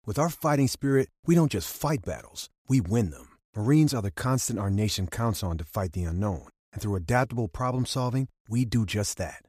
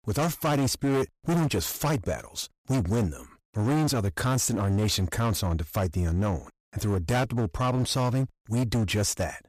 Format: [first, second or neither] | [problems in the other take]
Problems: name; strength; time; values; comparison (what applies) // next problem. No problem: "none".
first | distortion; heavy; 19% of the sound clipped